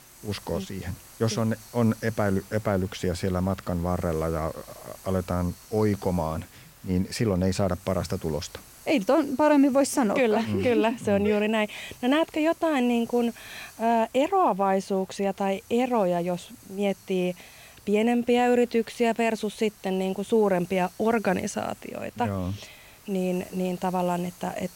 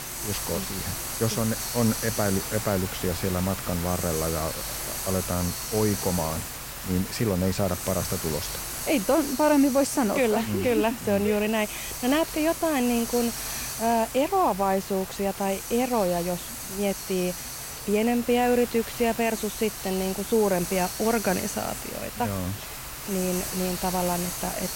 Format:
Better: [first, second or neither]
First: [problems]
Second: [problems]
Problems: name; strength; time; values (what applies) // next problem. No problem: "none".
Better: first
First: hiss; faint; throughout; 25 dB below the speech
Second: hiss; loud; throughout; 6 dB below the speech